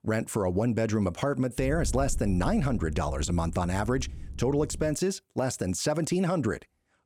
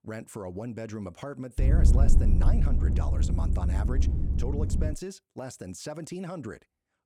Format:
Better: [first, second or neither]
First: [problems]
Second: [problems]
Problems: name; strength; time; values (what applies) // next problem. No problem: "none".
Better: first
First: low rumble; faint; from 1.5 to 5 s; 25 dB below the speech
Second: low rumble; loud; from 1.5 to 5 s; 2 dB below the speech